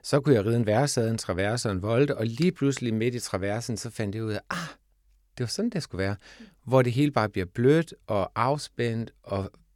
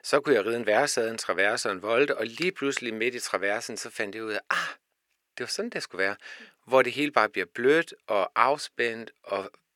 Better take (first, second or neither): first